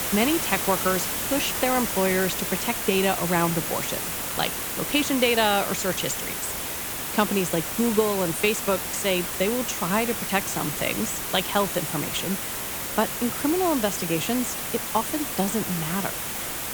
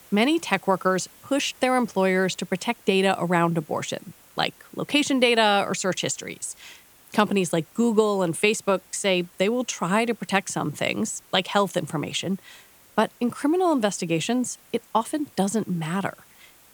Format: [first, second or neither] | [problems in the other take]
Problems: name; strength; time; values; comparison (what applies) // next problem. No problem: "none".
second | hiss; loud; throughout; 2 dB below the speech; faint in the second